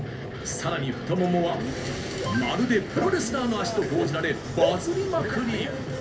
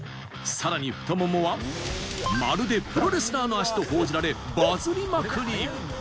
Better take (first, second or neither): second